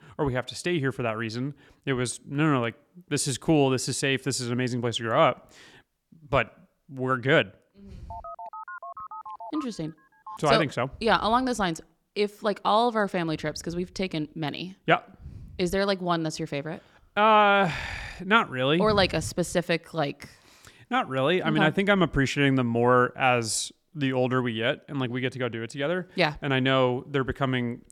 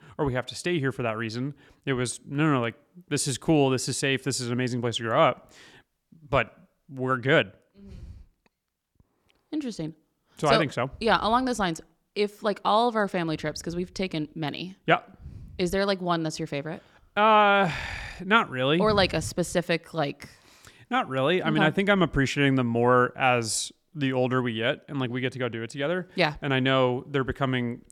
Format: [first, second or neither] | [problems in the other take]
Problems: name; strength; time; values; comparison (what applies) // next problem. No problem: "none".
second | phone ringing; faint; from 8 to 10 s; peak 15 dB below the speech